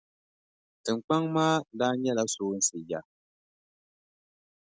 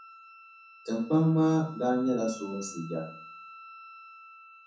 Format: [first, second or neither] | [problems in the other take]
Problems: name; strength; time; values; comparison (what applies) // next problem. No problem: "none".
first | background sound (Wind instrument, woodwind instrument); 18 dB below the speech // room echo; dies away in 0.6 s